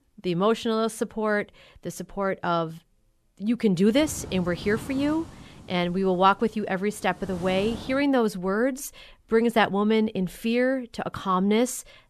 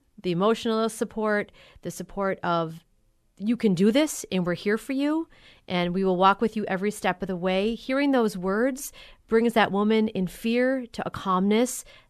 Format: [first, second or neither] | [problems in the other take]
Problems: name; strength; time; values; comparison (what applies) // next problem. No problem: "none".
second | wind noise on the microphone; occasional gusts; from 4 to 8 s; 20 dB below the speech